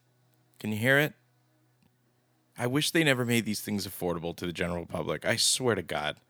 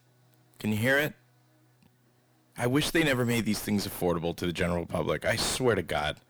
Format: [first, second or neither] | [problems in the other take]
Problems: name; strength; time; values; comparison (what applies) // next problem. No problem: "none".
first | distortion; heavy; 4 dB below the speech